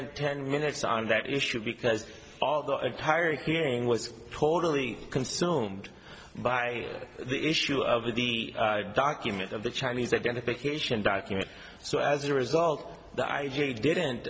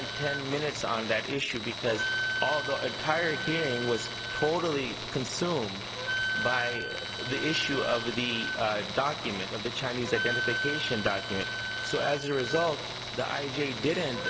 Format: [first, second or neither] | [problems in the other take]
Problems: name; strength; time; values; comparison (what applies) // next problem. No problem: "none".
first | background sound (Tools + Wind instrument, woodwind instrument); 3 dB below the speech